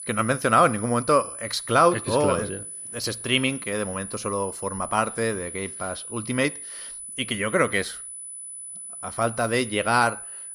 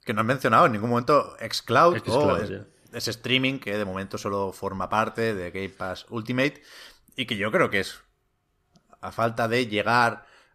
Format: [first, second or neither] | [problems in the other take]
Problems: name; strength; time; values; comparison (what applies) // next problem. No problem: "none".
second | high-pitched whine; noticeable; throughout; 10 kHz, 10 dB below the speech